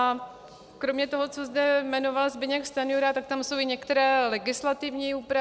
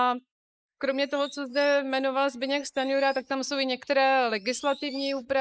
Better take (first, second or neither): first